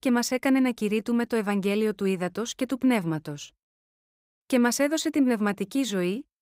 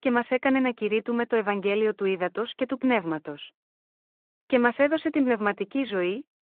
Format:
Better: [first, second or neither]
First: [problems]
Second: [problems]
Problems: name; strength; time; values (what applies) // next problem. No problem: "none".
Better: first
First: none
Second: phone-call audio